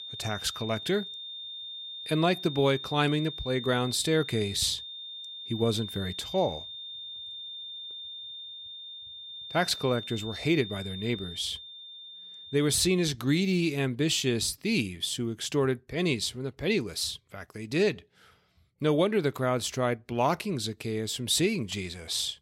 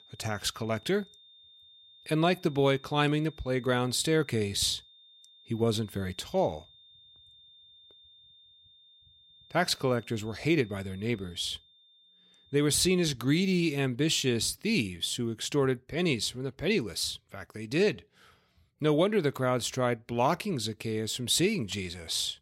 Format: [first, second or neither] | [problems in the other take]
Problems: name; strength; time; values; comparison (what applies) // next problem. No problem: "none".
second | high-pitched whine; loud; until 13 s; 3.5 kHz, 10 dB below the speech; faint in the second